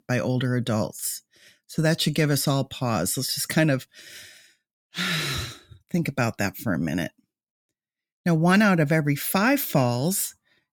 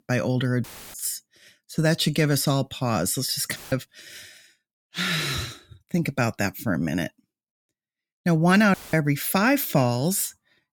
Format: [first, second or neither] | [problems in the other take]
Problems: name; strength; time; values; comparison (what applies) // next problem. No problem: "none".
first | audio cutting out; filled with static; at 0.5 s, at 3.5 s and at 8.5 s